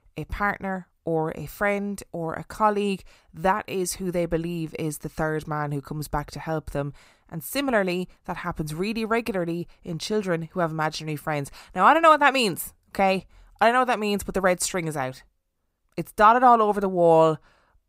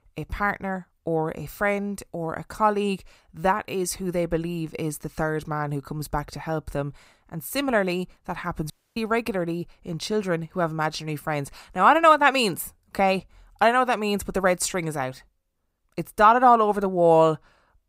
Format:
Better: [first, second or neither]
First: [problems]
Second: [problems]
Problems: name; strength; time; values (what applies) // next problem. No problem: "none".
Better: first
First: none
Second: audio cutting out; at 8.5 s